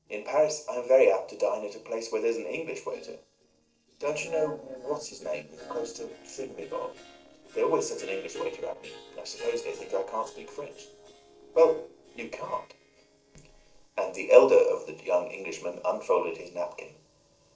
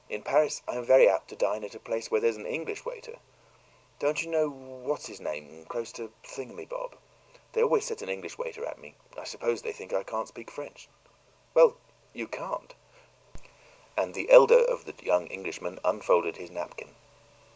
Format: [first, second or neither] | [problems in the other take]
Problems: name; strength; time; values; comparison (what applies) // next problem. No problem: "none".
second | noise reduction (neural separator model SepFormer DNS4)